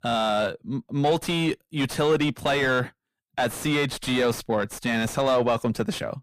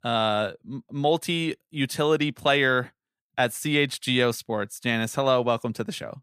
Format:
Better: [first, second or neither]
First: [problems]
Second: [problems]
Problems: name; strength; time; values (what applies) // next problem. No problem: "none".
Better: second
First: distortion; heavy; 6 dB below the speech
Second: none